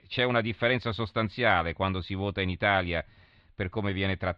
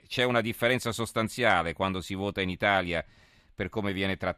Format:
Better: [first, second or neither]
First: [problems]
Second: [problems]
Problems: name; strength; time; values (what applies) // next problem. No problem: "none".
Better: second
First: muffled; very slightly; fading above 4 kHz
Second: none